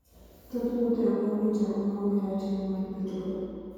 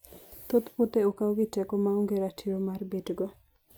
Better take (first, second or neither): second